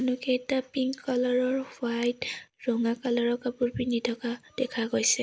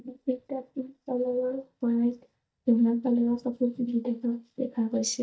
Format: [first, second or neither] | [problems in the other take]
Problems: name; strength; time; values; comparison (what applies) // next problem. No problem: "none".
first | noise reduction (neural mask model DeepFilterNet 3)